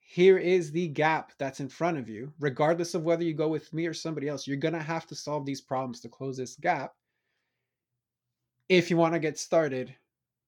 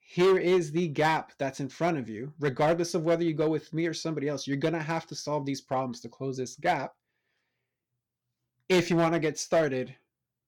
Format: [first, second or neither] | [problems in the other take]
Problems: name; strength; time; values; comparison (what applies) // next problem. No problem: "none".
first | distortion; slight; 3% of the sound clipped